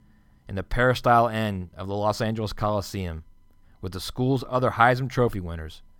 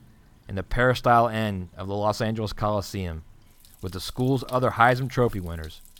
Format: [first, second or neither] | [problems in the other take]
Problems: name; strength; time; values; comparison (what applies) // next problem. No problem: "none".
first | rain or running water; faint; throughout; 30 dB below the speech